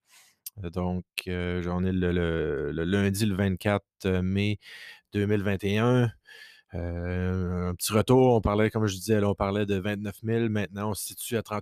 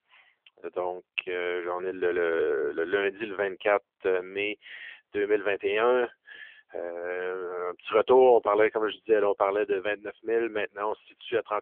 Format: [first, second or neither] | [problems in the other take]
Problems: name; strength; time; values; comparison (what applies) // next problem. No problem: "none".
first | phone-call audio; nothing above 3.5 kHz